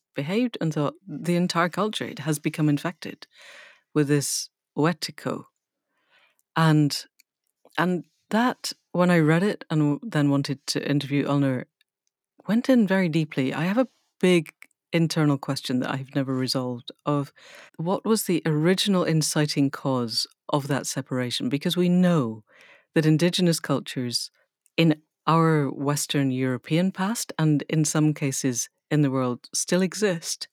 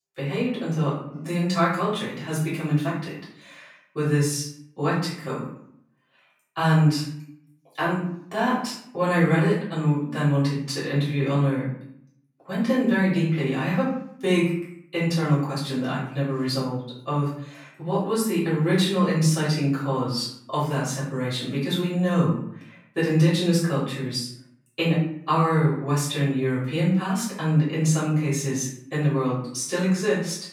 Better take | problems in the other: first | off-mic speech; far // room echo; noticeable; dies away in 0.6 s

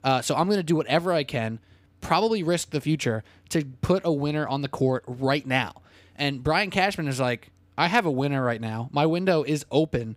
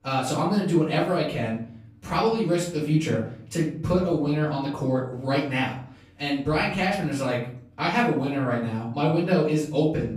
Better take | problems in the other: first | room echo; noticeable; dies away in 0.5 s // off-mic speech; far

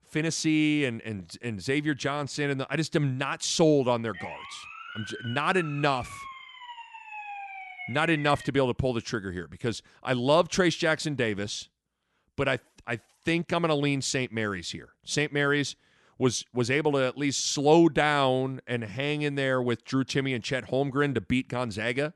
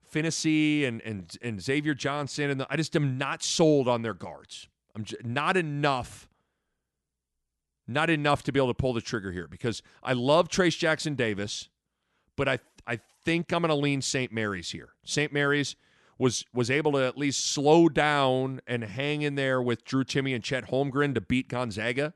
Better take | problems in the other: second | siren; faint; from 4 to 8.5 s; peak 10 dB below the speech

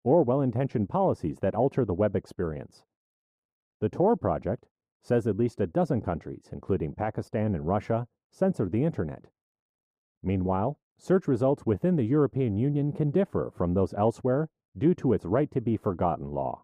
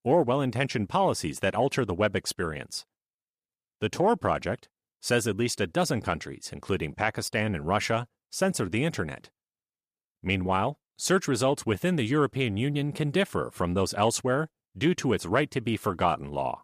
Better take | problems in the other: second | muffled; very; fading above 1.5 kHz

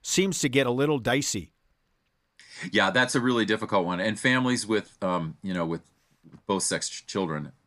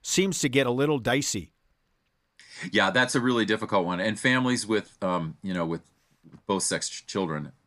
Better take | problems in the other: neither | none

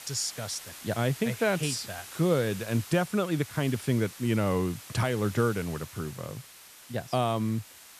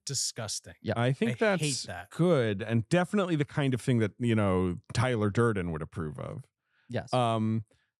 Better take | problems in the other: second | hiss; noticeable; throughout; 15 dB below the speech

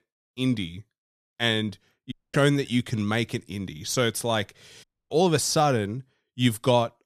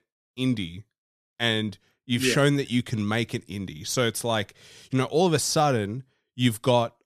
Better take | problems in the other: second | audio cutting out; at 2 s and at 5 s

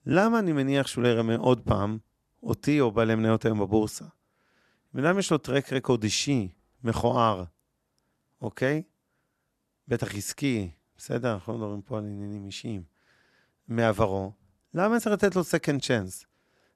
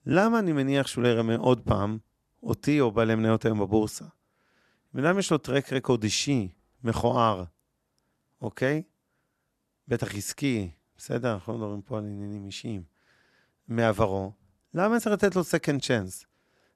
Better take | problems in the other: neither | none

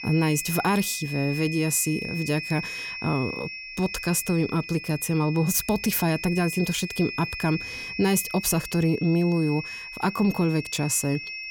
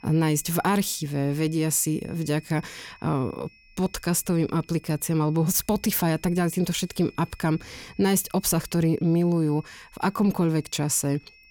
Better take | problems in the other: second | high-pitched whine; loud; throughout; 2.5 kHz, 9 dB below the speech; faint in the second

